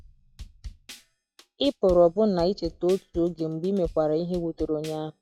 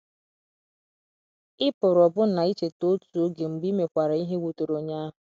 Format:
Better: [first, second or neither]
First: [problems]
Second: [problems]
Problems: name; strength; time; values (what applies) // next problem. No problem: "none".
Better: second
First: noise reduction (classical method log-MMSE)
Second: none